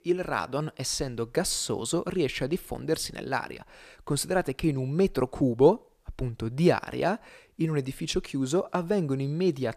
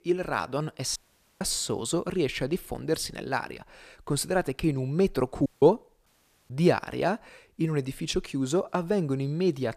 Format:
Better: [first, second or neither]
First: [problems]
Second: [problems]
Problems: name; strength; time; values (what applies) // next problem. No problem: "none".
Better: first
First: none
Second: audio cutting out; at 1 s, at 5.5 s and at 6 s